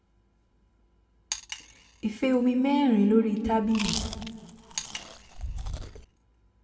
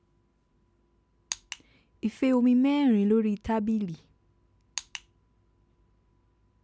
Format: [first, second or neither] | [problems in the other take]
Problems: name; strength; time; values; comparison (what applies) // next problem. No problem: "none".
second | background sound (Chewing, mastication); 8 dB below the speech // room echo; dies away in 1.6 s